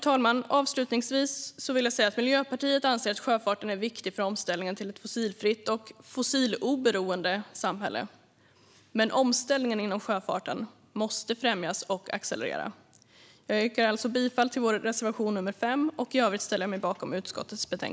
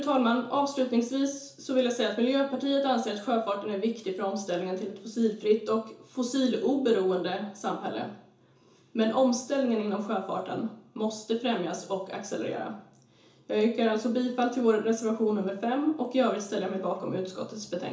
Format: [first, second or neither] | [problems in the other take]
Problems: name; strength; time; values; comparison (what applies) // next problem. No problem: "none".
first | room echo; dies away in 0.7 s